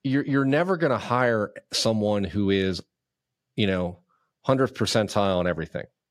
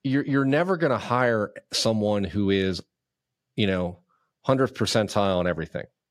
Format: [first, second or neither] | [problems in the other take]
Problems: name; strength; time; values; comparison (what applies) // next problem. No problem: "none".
neither | none